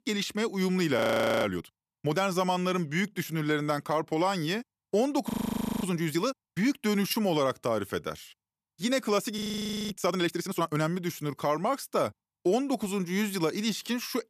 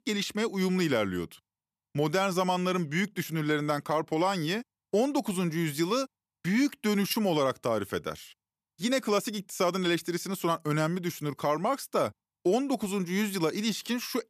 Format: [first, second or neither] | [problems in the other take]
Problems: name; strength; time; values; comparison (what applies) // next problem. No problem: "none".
second | audio freezing; at 1 s, at 5.5 s for 0.5 s and at 9.5 s for 0.5 s